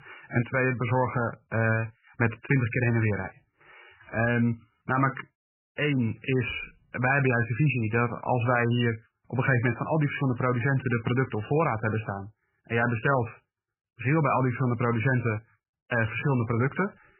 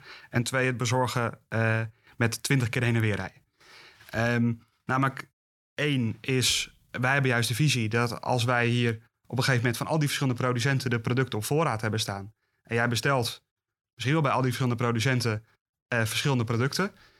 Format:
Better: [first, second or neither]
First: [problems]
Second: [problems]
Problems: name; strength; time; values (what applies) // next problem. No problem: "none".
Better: second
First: garbled, watery; badly; nothing above 3 kHz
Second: none